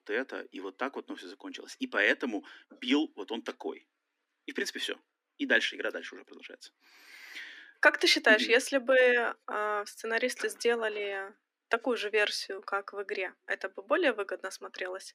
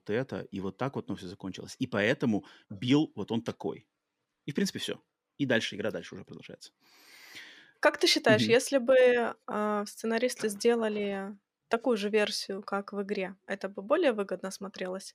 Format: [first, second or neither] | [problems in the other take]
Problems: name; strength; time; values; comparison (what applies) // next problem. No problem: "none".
second | thin; very slightly; fading below 250 Hz